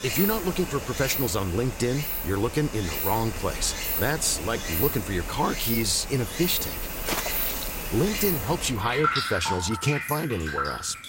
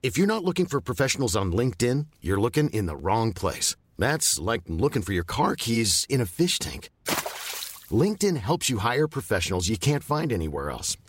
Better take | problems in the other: second | rain or running water; loud; throughout; 2 dB below the speech

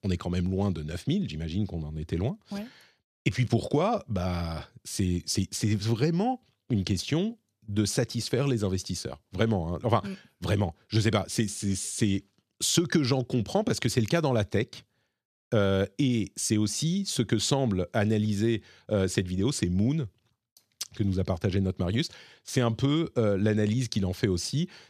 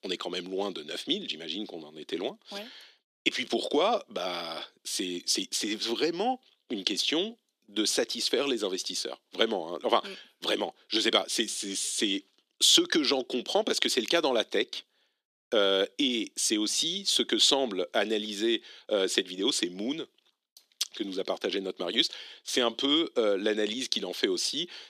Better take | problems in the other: first | thin; somewhat; fading below 300 Hz

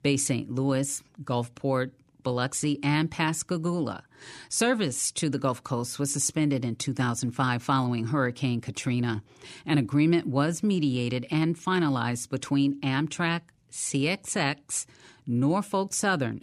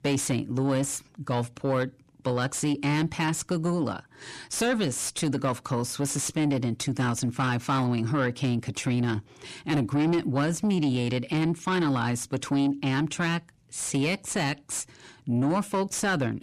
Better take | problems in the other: first | distortion; slight; 10 dB below the speech

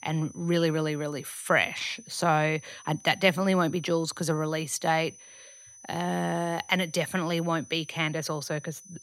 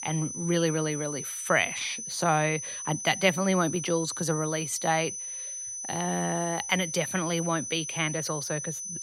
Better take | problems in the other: first | high-pitched whine; loud; throughout; 6 kHz, 5 dB below the speech; faint in the first

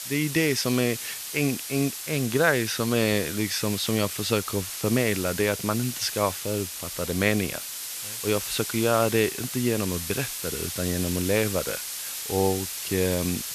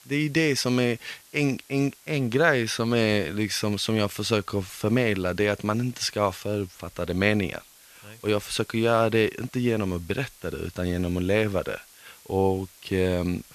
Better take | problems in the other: second | hiss; loud; throughout; 5 dB below the speech; faint in the second

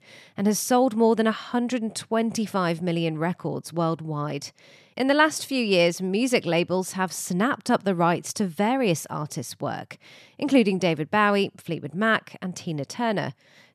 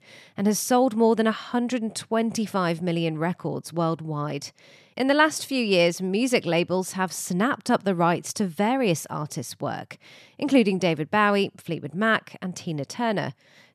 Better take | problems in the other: neither | none

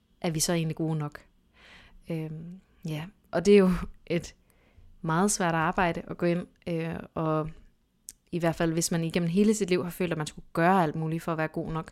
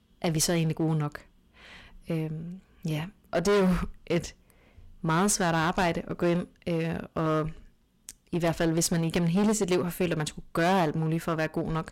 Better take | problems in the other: first | distortion; heavy; 9% of the sound clipped

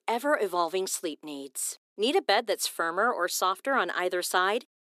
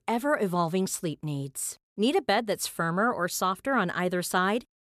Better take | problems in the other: second | thin; somewhat; fading below 300 Hz

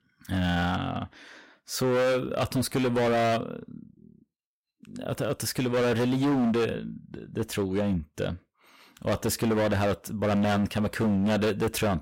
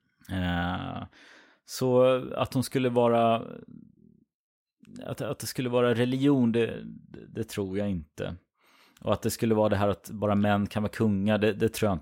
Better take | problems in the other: second | distortion; heavy; 17% of the sound clipped

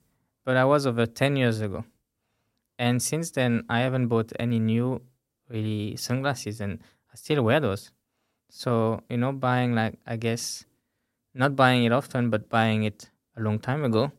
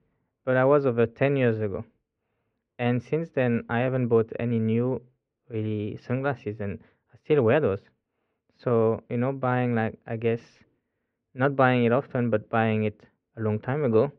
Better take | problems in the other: first | muffled; very; fading above 2.5 kHz

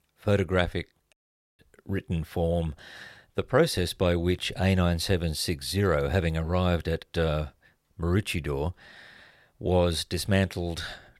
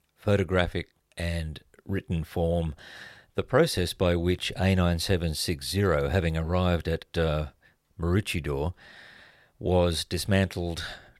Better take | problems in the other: second | audio cutting out; at 1 s

